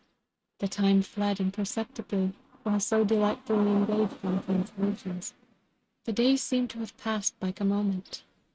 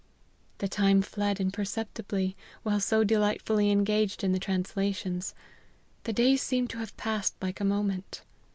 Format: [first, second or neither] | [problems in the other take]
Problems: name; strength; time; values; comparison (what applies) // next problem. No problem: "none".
second | noise reduction (neural mask model RNNoise)